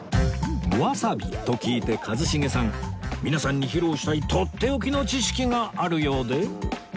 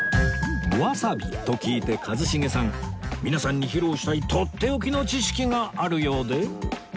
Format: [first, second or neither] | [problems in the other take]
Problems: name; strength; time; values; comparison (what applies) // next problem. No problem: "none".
first | background sound (Piano); 14 dB below the speech